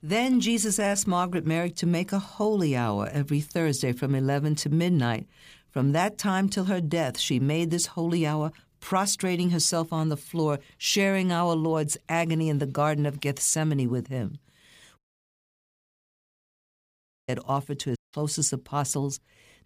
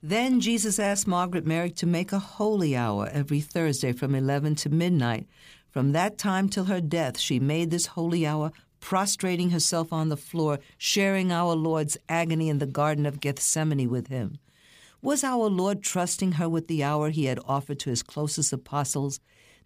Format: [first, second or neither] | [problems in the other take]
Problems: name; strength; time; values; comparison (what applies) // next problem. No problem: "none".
second | audio cutting out; at 15 s for 2.5 s and at 18 s